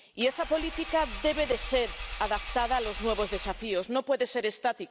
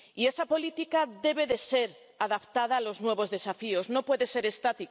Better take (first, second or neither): second